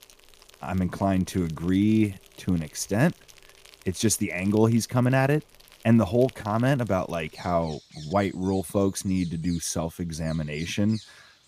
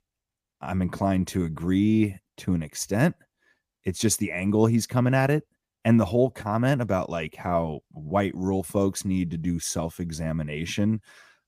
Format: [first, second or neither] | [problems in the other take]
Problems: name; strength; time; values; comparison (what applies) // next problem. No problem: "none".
second | animal sounds; faint; throughout; 25 dB below the speech